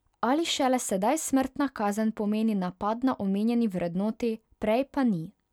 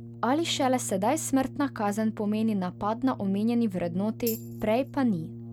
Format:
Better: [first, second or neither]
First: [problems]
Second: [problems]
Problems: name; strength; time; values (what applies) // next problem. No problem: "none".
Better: first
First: none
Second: background sound (Brass instrument + Tambourine); 13 dB below the speech